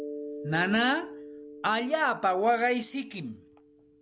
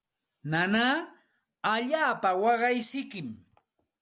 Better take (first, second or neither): second